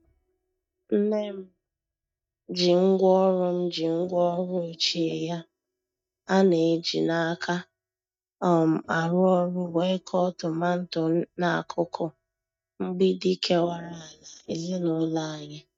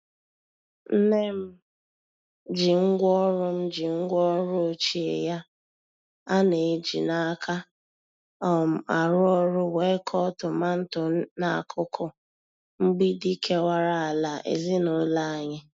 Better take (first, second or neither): second